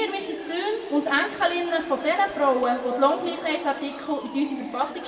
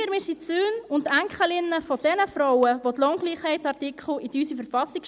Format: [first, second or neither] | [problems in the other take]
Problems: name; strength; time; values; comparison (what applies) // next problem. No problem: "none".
second | background sound (Sawing); 19 dB below the speech // room echo; dies away in 2.2 s